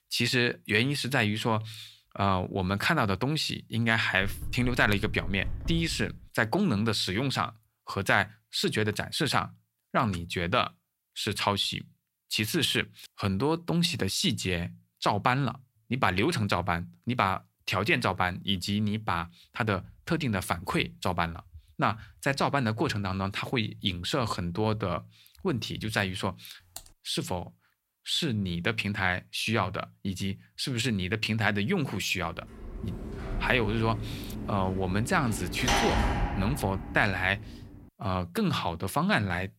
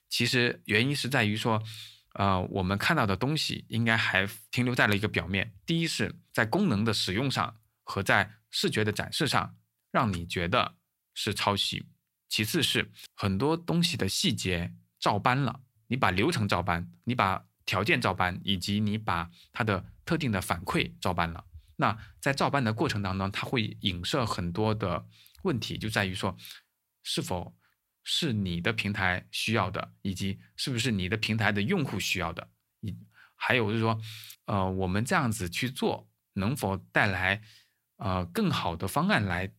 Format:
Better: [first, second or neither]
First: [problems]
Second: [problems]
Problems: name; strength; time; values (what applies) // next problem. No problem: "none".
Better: second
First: door banging; noticeable; from 4 to 6 s; peak 9 dB below the speech // keyboard typing; faint; at 27 s; peak 15 dB below the speech // door banging; loud; from 33 to 38 s; peak 3 dB above the speech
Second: none